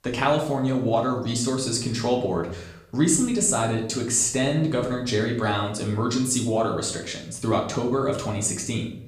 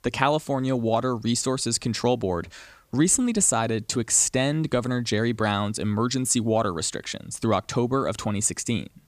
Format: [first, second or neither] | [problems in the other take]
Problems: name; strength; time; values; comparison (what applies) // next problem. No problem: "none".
second | room echo; slight; dies away in 0.6 s // off-mic speech; somewhat distant